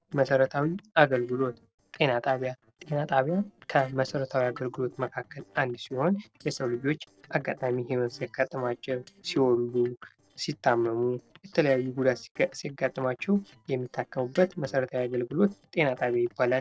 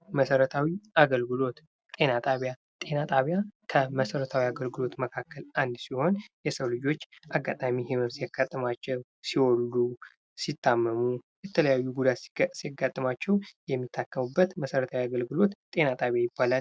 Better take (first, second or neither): second